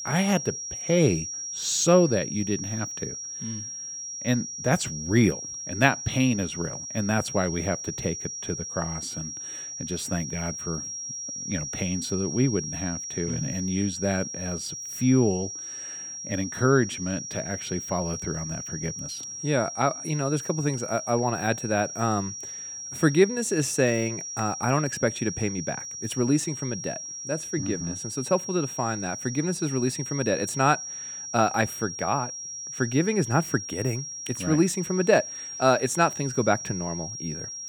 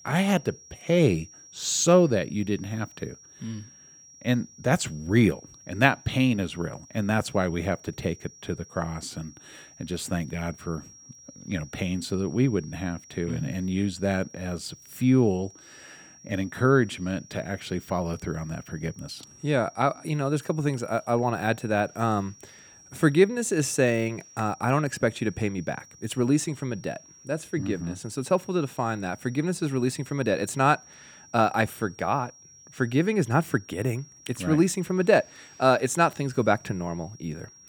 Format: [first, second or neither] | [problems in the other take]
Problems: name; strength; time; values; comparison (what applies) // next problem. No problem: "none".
second | high-pitched whine; loud; throughout; 5.5 kHz, 7 dB below the speech; faint in the second